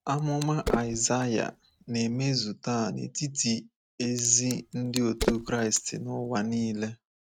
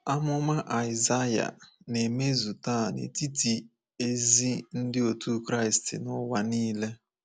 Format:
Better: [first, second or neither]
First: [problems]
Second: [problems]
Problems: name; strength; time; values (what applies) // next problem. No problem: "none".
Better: second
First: noise reduction (neural mask model RNNoise)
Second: none